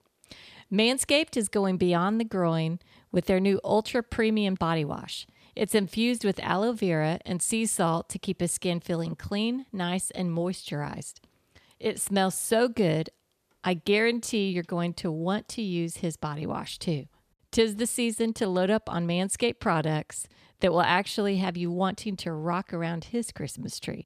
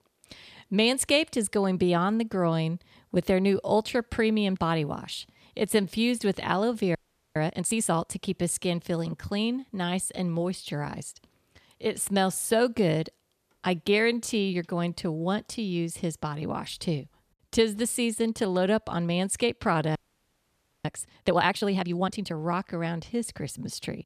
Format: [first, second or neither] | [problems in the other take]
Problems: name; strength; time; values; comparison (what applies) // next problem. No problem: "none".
first | audio freezing; at 7 s and at 20 s for 1 s